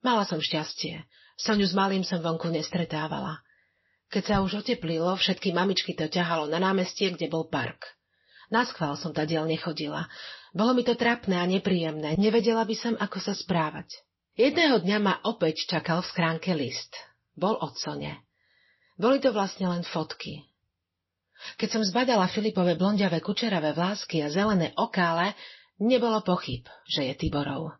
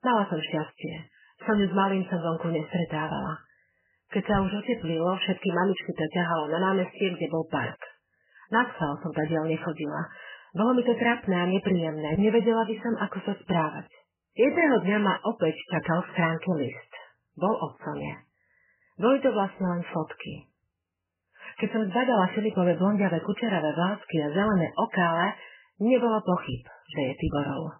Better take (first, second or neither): first